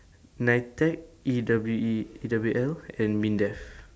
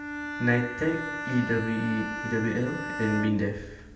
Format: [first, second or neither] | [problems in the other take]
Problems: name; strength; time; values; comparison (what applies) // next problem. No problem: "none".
first | background sound (Bowed string instrument); 7 dB below the speech // room echo; dies away in 0.9 s